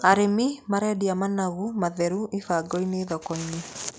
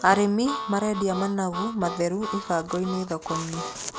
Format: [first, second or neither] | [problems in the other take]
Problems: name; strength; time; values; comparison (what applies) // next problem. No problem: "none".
first | background sound (Harmonica); 10 dB below the speech